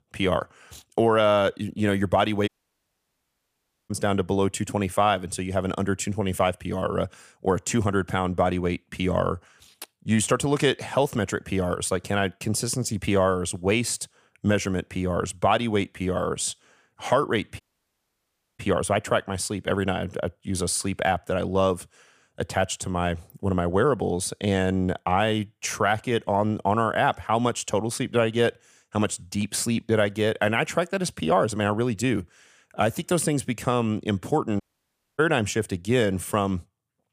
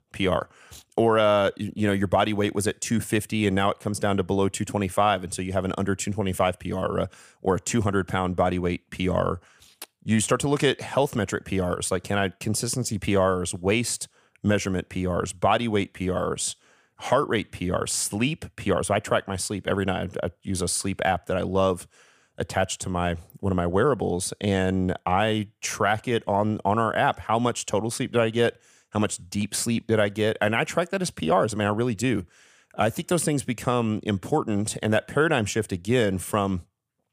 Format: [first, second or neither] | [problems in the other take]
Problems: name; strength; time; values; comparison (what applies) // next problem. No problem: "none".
second | audio cutting out; at 2.5 s for 1.5 s, at 18 s for 1 s and at 35 s for 0.5 s